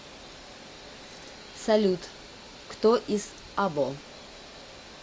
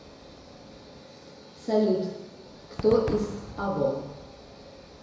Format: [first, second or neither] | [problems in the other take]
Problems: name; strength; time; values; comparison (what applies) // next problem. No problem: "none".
first | background sound (Crowd / Cheering / Fireworks); 13 dB below the speech // room echo; dies away in 0.9 s